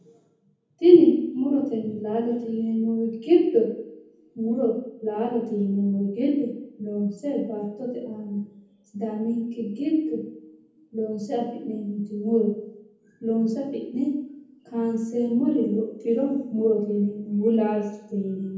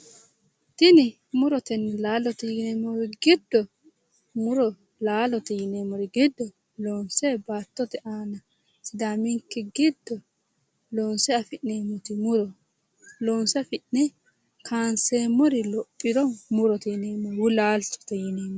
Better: second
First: room echo; dies away in 0.9 s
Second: none

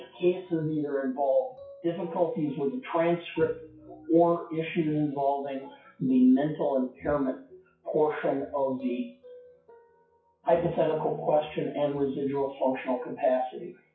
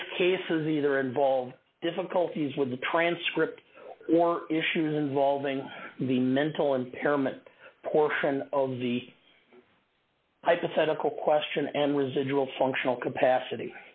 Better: second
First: noise reduction (classical method WPE with log-MMSE)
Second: none

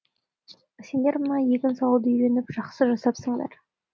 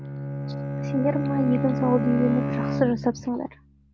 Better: first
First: none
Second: background sound (Bowed string instrument); 2 dB below the speech

